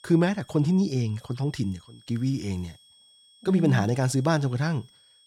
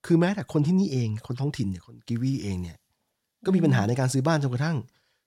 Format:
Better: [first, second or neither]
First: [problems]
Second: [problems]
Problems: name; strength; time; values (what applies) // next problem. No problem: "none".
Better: second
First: high-pitched whine; faint; throughout; 3.5 kHz, 30 dB below the speech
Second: none